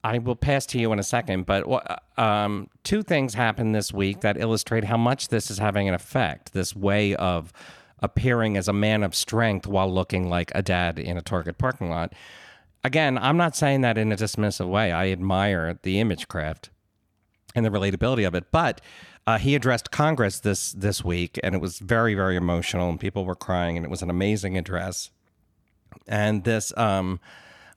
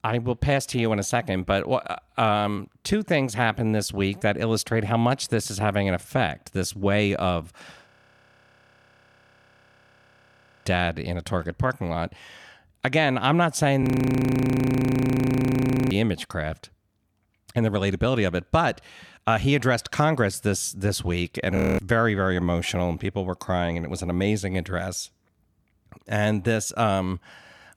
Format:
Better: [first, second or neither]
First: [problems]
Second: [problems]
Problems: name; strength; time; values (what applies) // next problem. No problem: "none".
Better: first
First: none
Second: audio freezing; at 8 s for 3 s, at 14 s for 2 s and at 22 s